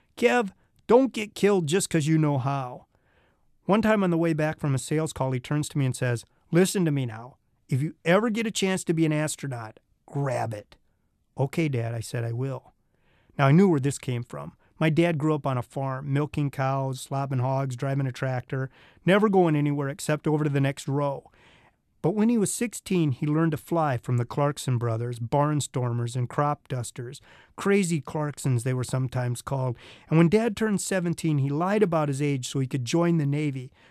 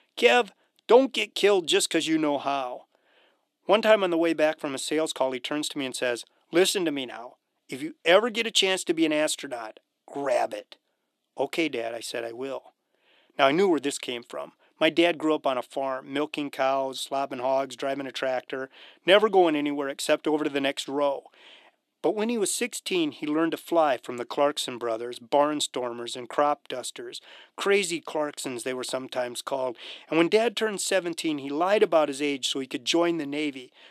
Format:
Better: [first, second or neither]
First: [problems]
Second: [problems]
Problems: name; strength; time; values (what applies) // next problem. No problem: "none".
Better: first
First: none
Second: thin; somewhat; fading below 300 Hz